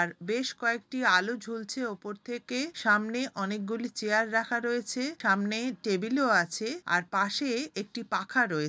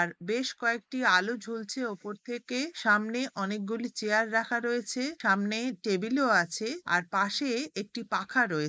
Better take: first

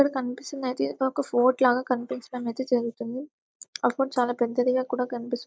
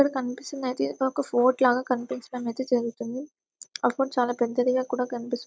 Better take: second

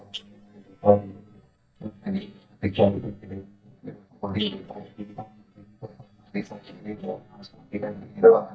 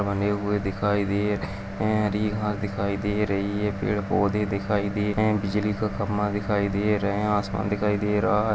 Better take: second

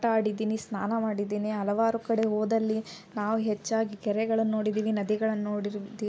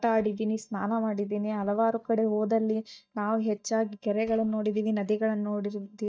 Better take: first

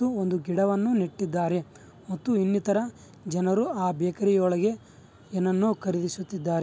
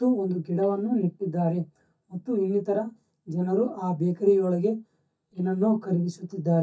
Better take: first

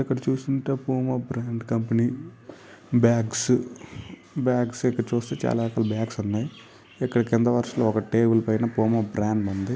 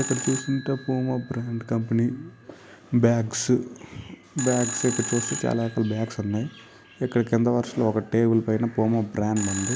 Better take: first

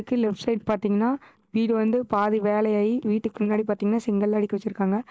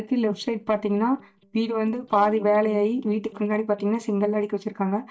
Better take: first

